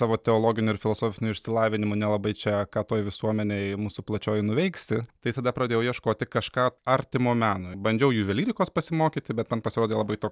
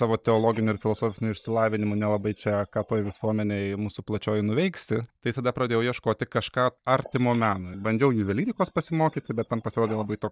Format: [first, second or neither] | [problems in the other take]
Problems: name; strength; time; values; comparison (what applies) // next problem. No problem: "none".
first | noise reduction (neural mask model DeepFilterNet 3)